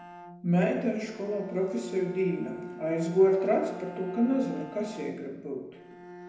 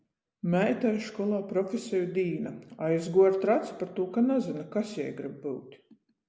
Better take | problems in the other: second | background sound (Bowed string instrument); 15 dB below the speech // room echo; dies away in 0.8 s

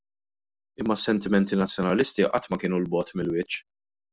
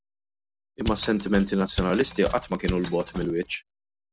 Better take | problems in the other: first | background sound (Mechanisms); 8 dB below the speech

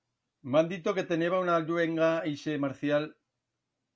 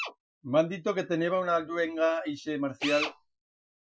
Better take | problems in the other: first | noise reduction (classical method Wiener filter)

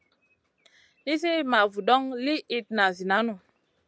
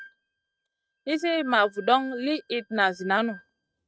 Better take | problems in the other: first | noise reduction (neural mask model RNNoise)

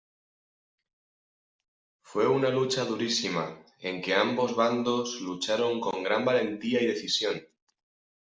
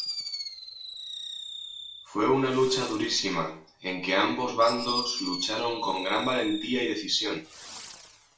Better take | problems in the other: first | background sound (Fireworks); 10 dB below the speech // room echo; dies away in 0.2 s

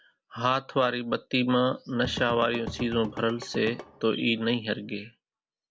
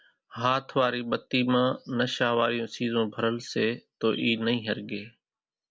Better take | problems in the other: second | background sound (Drum / Drum kit); 11 dB below the speech

